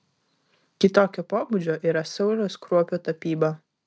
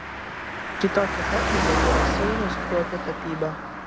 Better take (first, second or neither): first